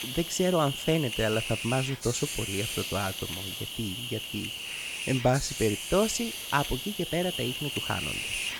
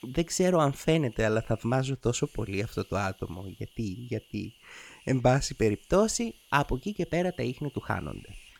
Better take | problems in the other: second | hiss; loud; throughout; 3 dB below the speech; faint in the second

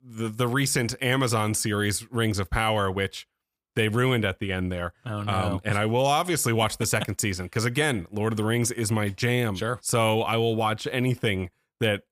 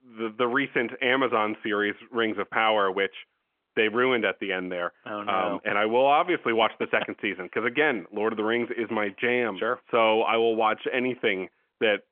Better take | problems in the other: first | phone-call audio; nothing above 3.5 kHz

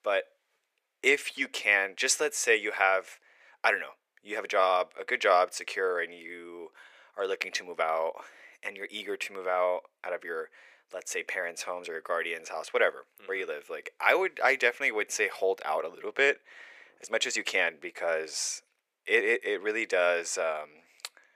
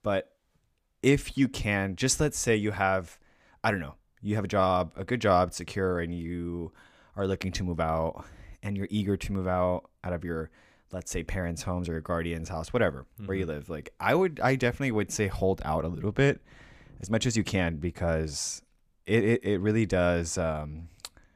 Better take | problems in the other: second | thin; very; fading below 450 Hz

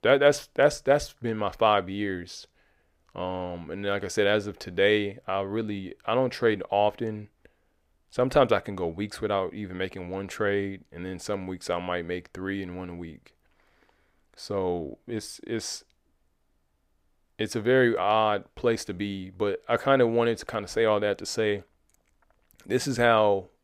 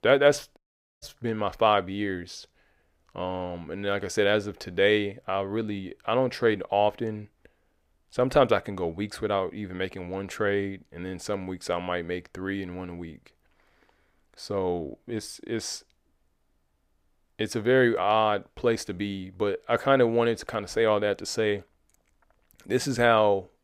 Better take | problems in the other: first | audio cutting out; at 0.5 s

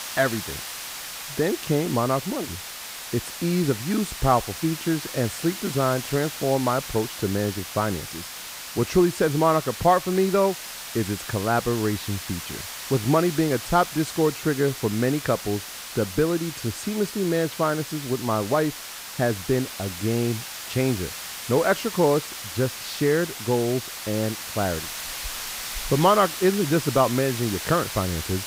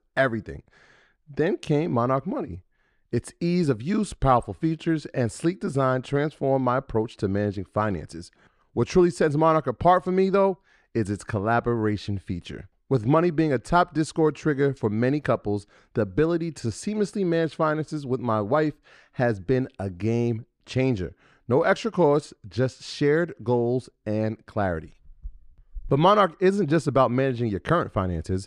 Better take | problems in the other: second | hiss; loud; throughout; 8 dB below the speech

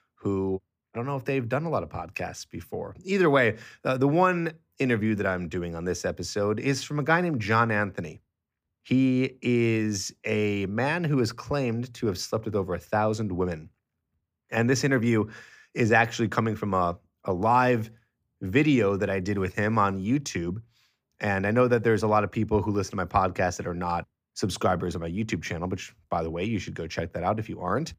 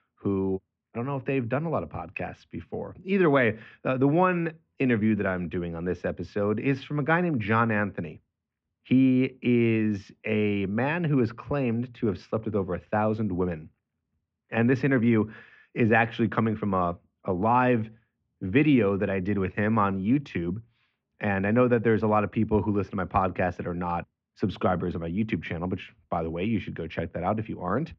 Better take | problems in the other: first | muffled; very; fading above 3 kHz

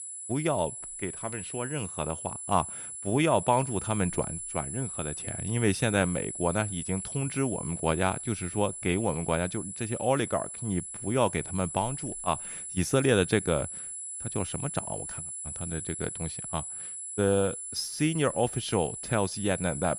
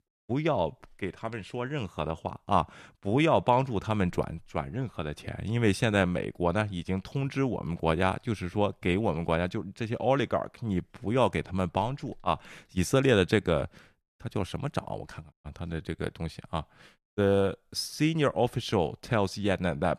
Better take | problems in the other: second | high-pitched whine; loud; throughout; 10 kHz, 6 dB below the speech

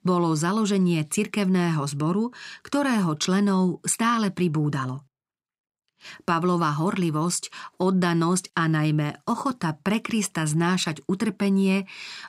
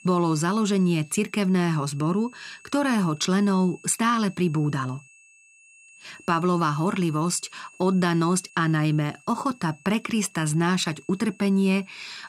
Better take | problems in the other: first | high-pitched whine; faint; throughout; 2.5 kHz, 25 dB below the speech

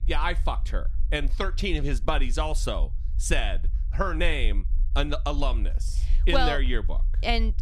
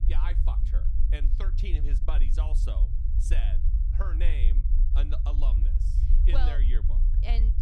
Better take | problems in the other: first | low rumble; loud; throughout; 6 dB below the speech; faint in the first

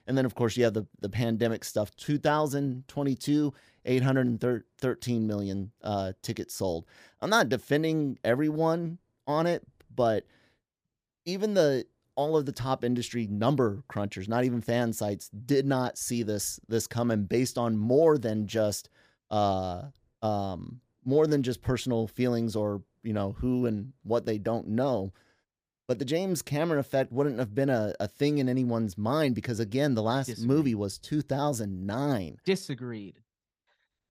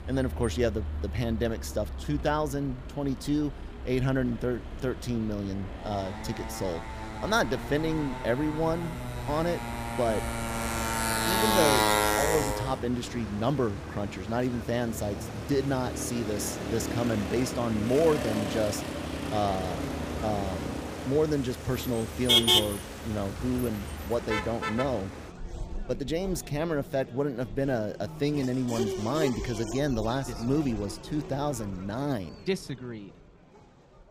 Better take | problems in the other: first | traffic noise; loud; throughout; 2 dB below the speech

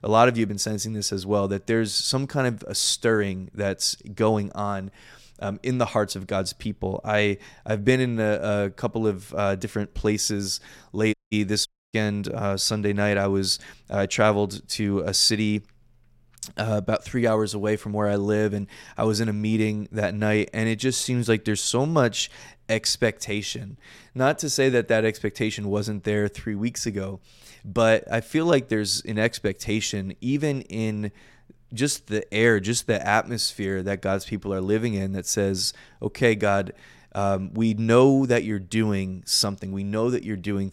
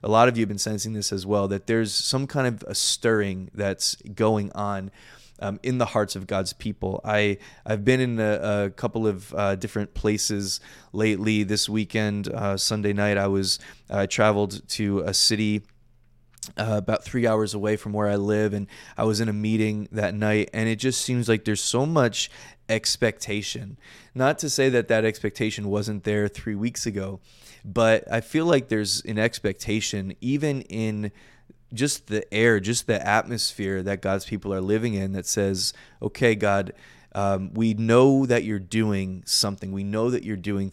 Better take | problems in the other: second | audio cutting out; at 11 s and at 12 s

